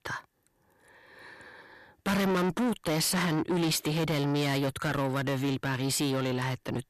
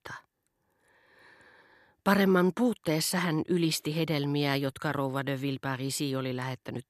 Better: second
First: distortion; heavy; 5 dB below the speech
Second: none

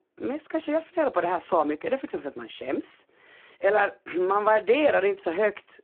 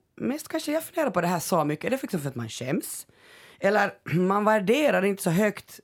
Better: second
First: phone-call audio; poor line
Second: none

